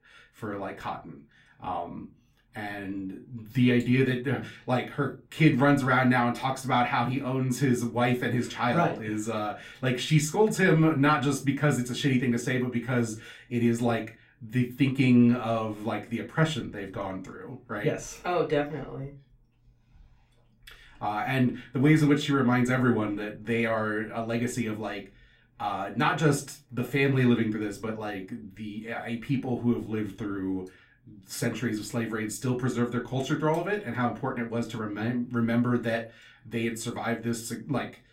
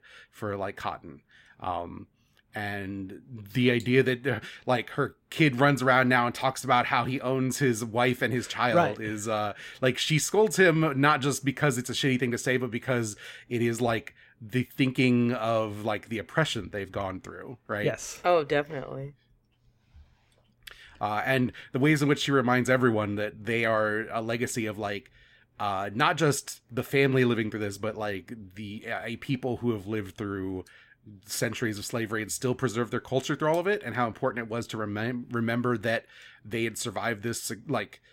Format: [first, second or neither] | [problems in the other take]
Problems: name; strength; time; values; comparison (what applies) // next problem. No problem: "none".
second | off-mic speech; far // room echo; very slight; dies away in 0.2 s